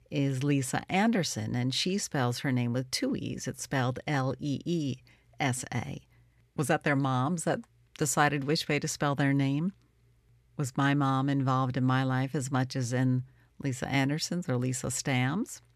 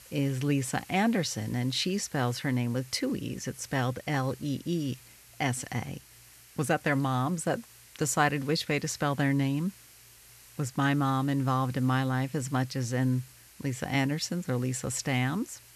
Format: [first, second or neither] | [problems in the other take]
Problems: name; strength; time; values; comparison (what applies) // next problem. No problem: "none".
first | hiss; faint; throughout; 20 dB below the speech